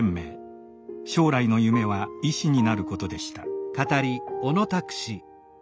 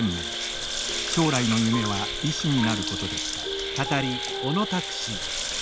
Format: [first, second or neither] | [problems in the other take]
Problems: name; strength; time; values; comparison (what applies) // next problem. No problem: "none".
first | background sound (Sink (filling or washing) + Insect); 3 dB below the speech